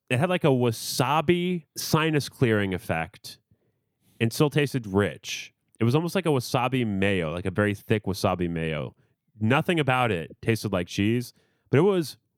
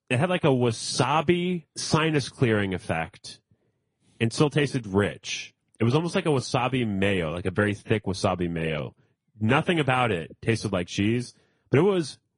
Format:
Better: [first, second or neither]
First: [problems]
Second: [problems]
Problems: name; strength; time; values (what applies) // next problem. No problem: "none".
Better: first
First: none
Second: garbled, watery; slightly; nothing above 10.5 kHz